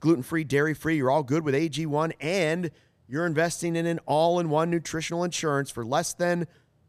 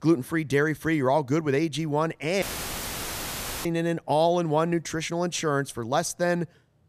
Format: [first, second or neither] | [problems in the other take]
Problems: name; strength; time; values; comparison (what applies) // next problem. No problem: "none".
first | audio cutting out; filled with static; at 2.5 s for 1 s